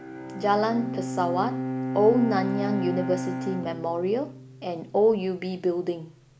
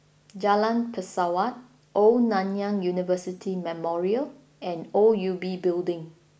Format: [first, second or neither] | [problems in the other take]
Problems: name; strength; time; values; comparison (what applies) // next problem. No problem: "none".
second | background sound (Bowed string instrument); 6 dB below the speech